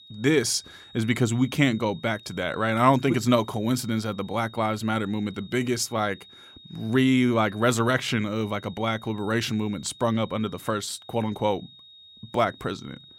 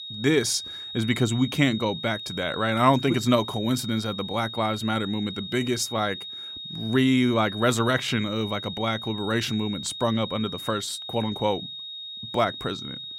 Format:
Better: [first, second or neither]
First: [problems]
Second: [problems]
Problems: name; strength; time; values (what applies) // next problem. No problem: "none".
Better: first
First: high-pitched whine; faint; throughout; 3.5 kHz, 20 dB below the speech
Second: high-pitched whine; loud; throughout; 3.5 kHz, 9 dB below the speech